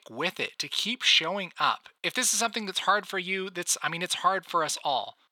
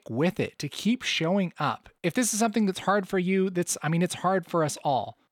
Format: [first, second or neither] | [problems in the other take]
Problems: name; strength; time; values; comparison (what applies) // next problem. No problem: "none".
second | thin; somewhat; fading below 1 kHz